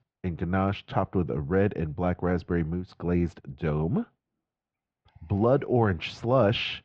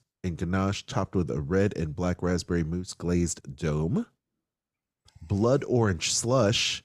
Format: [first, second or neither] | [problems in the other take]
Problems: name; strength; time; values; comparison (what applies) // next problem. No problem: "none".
second | muffled; very; fading above 3 kHz